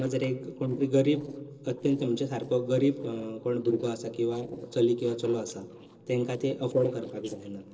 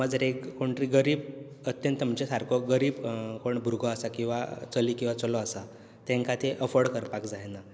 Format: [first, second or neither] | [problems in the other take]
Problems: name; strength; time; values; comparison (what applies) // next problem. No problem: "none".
second | noise reduction (neural separator model SepFormer DNS4)